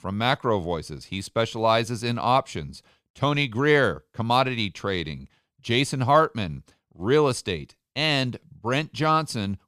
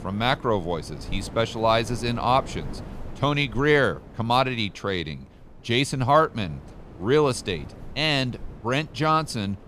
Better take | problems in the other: first | wind noise on the microphone; occasional gusts; 25 dB below the speech

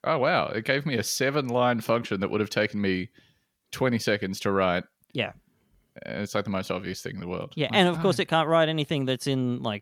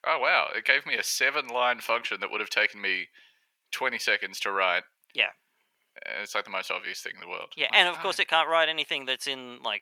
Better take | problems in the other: first | thin; very; fading below 700 Hz

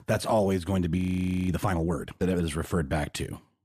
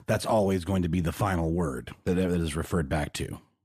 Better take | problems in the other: second | audio freezing; at 1 s for 0.5 s

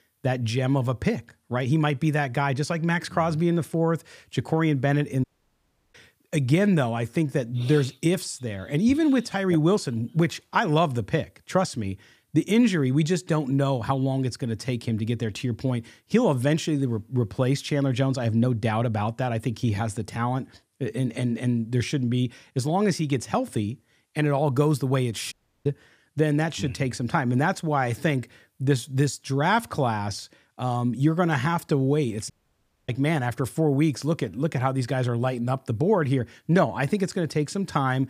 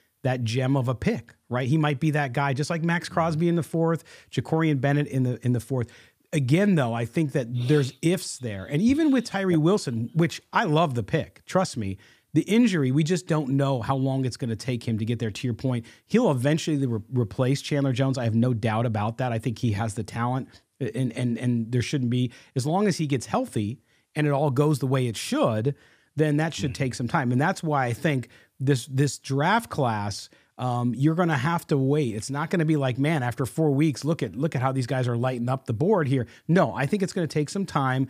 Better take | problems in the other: second | audio cutting out; at 5 s for 0.5 s, at 25 s and at 32 s for 0.5 s

